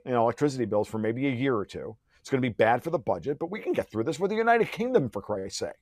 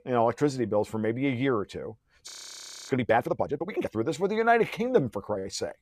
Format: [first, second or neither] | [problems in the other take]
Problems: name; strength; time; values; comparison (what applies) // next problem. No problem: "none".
first | audio freezing; at 2.5 s for 0.5 s